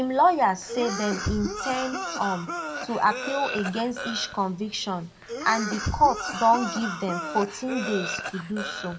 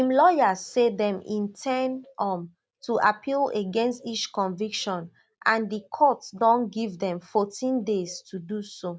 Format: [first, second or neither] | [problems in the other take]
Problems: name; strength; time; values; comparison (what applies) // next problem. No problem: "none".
second | background sound (Cough); 7 dB below the speech // room echo; dies away in 0.7 s